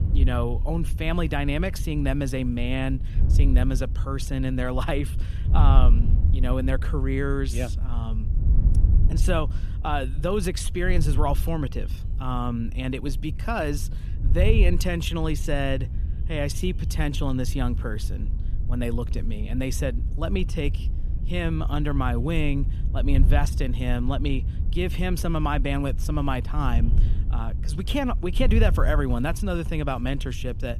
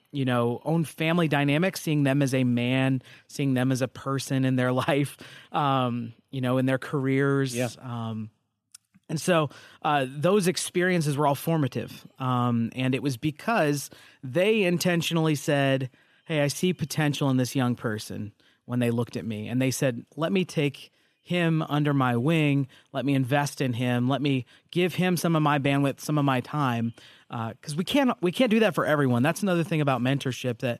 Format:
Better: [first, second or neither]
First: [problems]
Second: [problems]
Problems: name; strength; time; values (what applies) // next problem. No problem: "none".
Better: second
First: wind noise on the microphone; occasional gusts; 15 dB below the speech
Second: none